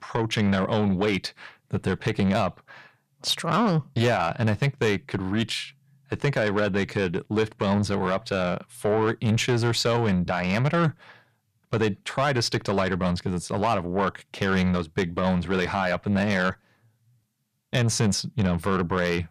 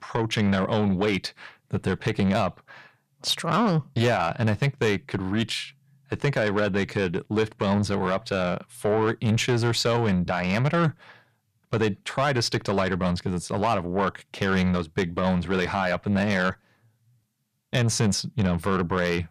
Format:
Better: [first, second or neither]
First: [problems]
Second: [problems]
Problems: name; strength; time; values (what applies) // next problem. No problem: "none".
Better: neither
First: distortion; slight; 10 dB below the speech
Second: distortion; slight; 10 dB below the speech